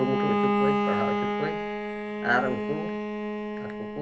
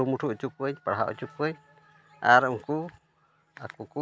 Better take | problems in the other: second | background sound (Bowed string instrument); 4 dB above the speech // room echo; dies away in 0.3 s

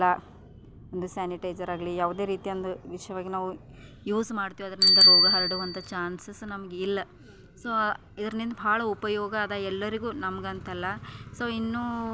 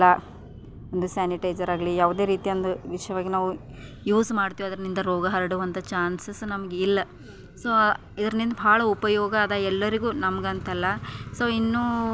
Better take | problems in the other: second | background sound (Bicycle bell); 1 dB above the speech

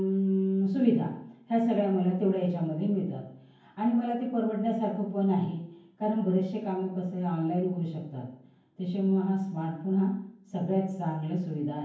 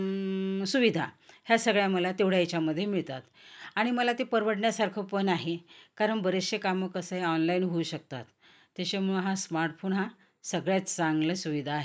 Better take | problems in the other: second | room echo; dies away in 0.9 s

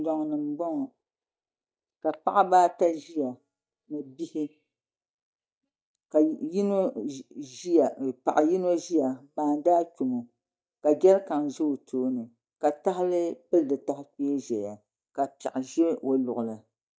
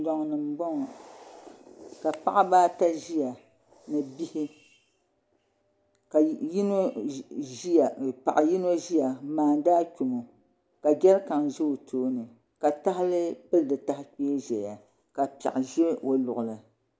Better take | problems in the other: second | noise reduction (neural mask model DeepFilterNet 3)

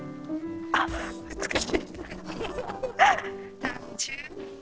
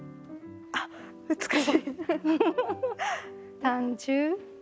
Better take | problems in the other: second | noise reduction (neural separator model SepFormer DNS4)

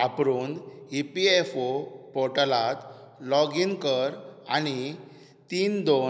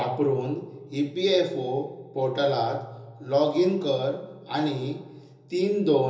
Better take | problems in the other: first | room echo; dies away in 0.6 s

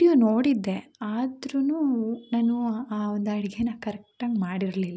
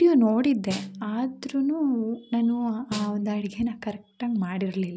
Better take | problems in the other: first | background sound (Snare drum); 16 dB below the speech

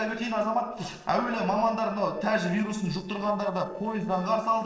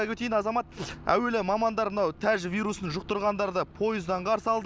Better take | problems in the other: second | noise reduction (neural separator model SepFormer DNS4)

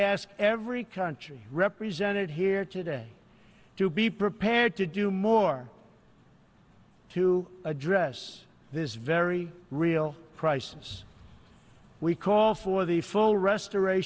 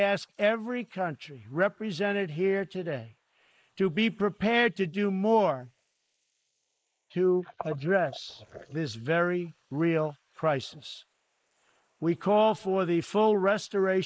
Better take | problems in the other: first | noise reduction (neural mask model Resemble Enhance denoiser)

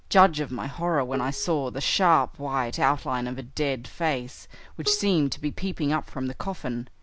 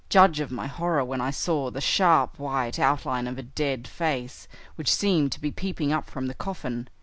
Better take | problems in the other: second | background sound (Bowed string instrument); 17 dB below the speech

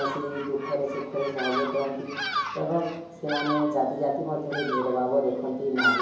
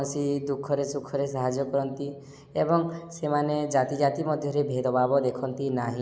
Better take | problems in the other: second | background sound (Bird vocalization, bird call, bird song); 5 dB below the speech // room echo; dies away in 2.8 s

